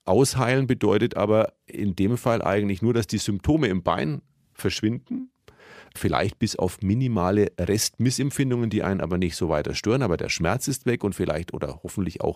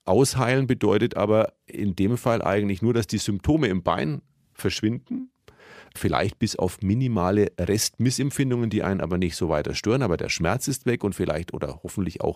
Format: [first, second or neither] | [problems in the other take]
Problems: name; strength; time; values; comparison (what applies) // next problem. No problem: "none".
neither | none